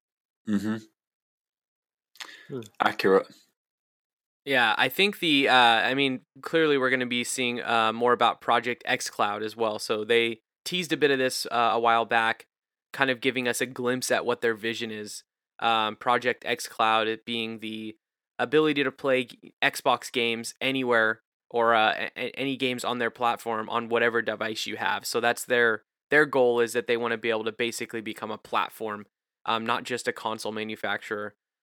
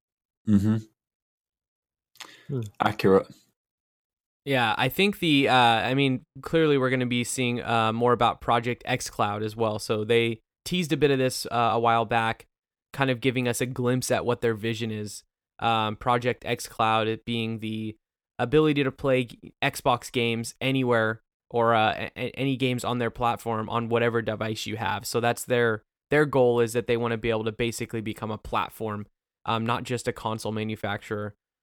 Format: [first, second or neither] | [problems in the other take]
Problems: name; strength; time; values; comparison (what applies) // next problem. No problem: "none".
second | thin; very slightly; fading below 250 Hz